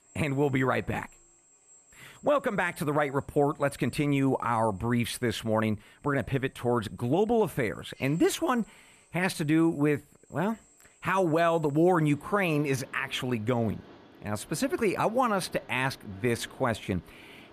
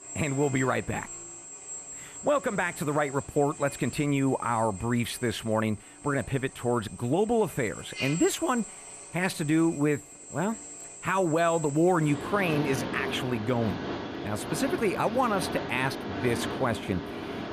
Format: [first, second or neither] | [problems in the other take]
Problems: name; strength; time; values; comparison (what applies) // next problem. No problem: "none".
first | machinery noise; loud; throughout; 9 dB below the speech; faint in the first